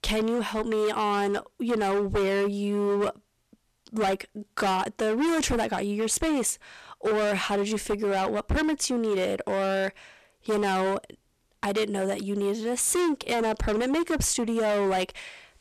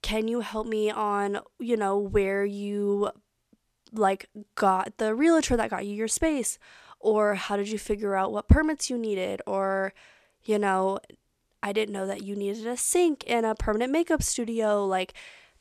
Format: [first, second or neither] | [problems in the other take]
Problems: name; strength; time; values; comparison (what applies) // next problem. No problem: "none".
second | distortion; heavy; 21% of the sound clipped